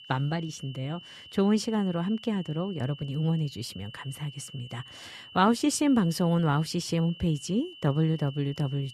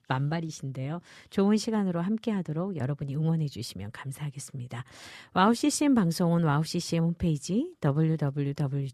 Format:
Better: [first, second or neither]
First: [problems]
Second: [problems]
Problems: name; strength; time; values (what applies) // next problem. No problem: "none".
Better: second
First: high-pitched whine; noticeable; throughout; 3 kHz, 20 dB below the speech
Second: none